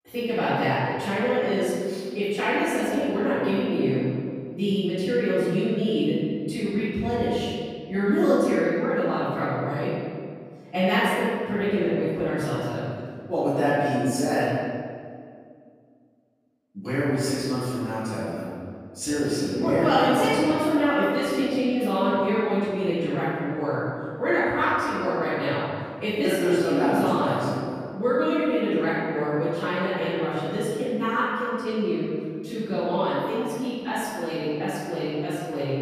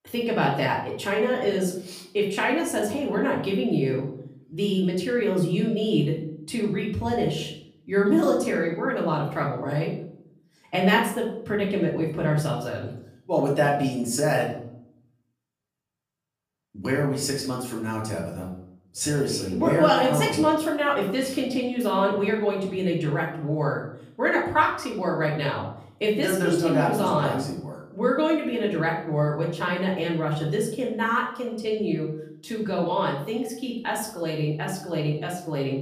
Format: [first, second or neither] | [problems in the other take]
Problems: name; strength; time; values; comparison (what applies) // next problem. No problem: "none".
second | room echo; strong; dies away in 1.8 s; slight in the second // off-mic speech; far; far in the second